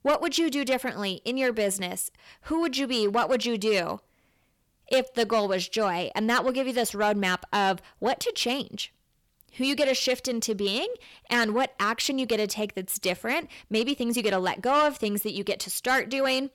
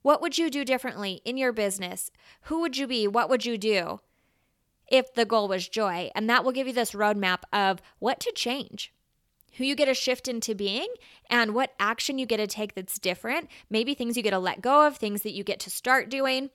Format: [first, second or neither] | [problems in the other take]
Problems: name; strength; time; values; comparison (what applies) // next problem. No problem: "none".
second | distortion; slight; 10 dB below the speech